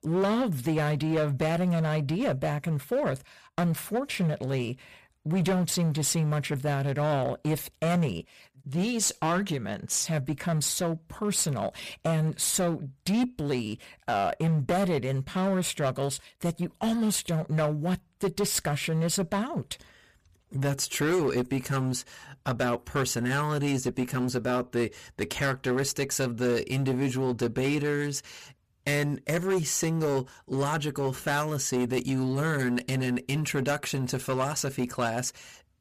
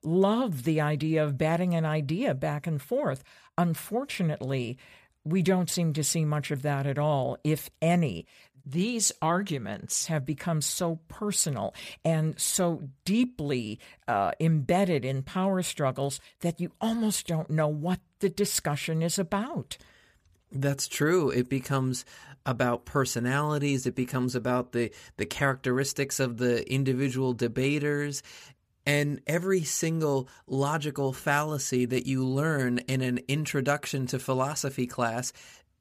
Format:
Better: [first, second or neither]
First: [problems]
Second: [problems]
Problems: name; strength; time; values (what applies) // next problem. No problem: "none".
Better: second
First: distortion; slight; 10% of the sound clipped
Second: none